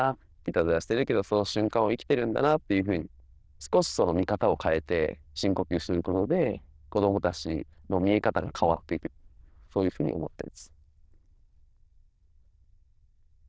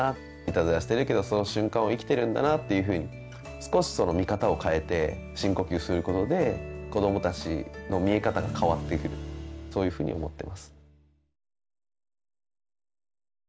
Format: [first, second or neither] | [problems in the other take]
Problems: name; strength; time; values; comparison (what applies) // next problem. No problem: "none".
second | noise reduction (neural diffusion model UNIVERSE++)